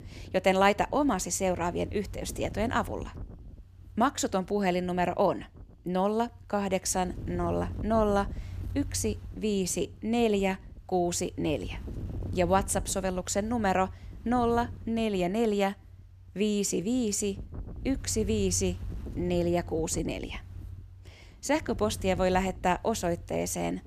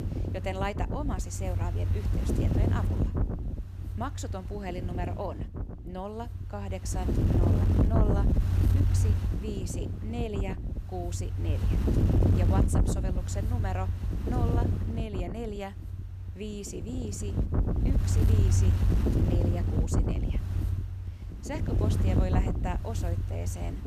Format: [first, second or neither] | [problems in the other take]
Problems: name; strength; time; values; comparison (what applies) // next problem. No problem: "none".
first | wind noise on the microphone; heavy; as loud as the speech; occasional gusts in the first